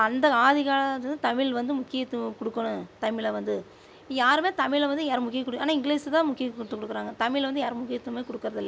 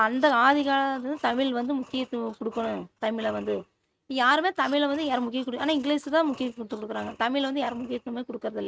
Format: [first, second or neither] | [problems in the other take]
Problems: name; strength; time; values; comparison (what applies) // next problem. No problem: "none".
first | noise reduction (neural mask model RNNoise)